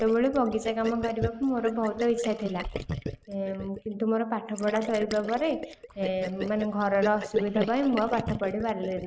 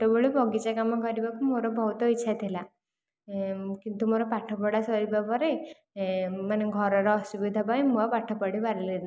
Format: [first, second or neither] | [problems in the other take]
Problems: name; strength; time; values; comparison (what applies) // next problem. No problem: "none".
second | noise reduction (neural mask model Resemble Enhance denoiser)